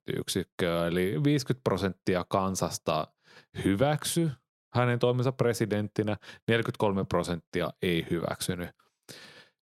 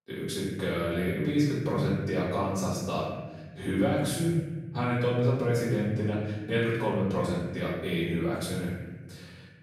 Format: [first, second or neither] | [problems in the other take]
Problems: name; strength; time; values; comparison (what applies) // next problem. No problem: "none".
first | off-mic speech; far // room echo; strong; dies away in 1.5 s